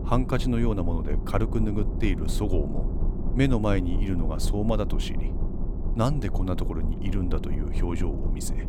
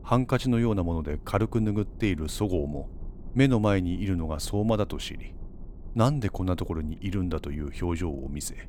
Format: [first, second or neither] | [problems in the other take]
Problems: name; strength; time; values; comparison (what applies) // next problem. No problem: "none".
second | low rumble; loud; throughout; 9 dB below the speech; faint in the second